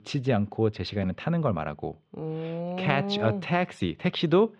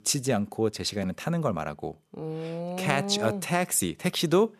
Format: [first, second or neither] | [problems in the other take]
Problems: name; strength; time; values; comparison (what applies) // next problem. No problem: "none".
second | muffled; slightly; fading above 3.5 kHz